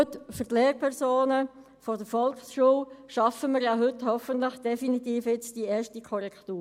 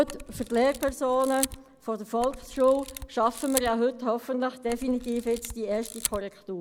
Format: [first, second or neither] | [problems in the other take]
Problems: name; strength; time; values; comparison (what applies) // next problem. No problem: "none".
first | background sound (Camera); 12 dB below the speech